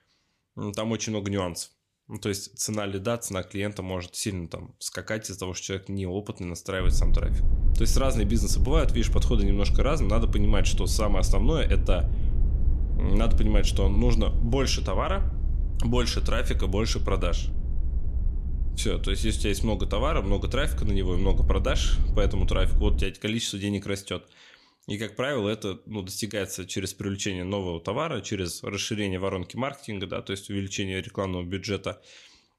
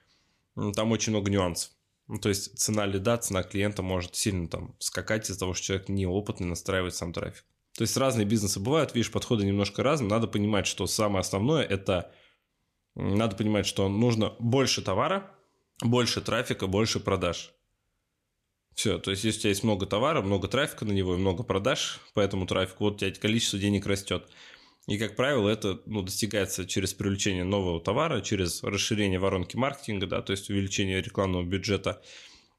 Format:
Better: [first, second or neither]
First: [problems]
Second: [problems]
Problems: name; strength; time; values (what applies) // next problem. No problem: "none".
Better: second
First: low rumble; noticeable; from 7 to 23 s; 15 dB below the speech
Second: none